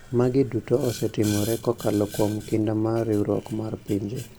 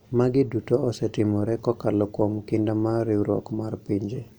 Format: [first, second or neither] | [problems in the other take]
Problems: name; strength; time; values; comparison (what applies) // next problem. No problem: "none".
second | background sound (Boiling); 17 dB below the speech